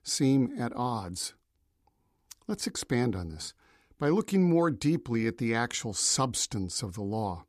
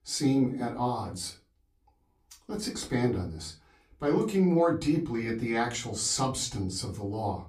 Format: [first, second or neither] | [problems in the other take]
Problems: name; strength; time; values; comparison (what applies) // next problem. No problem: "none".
first | off-mic speech; far // room echo; very slight; dies away in 0.3 s